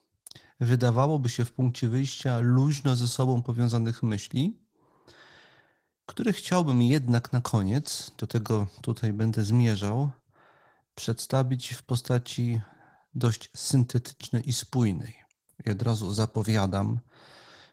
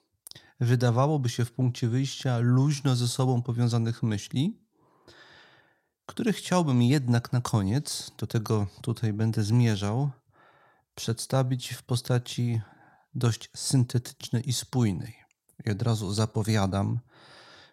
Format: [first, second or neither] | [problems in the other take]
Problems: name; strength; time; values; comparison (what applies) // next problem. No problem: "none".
second | garbled, watery; slightly; nothing above 16 kHz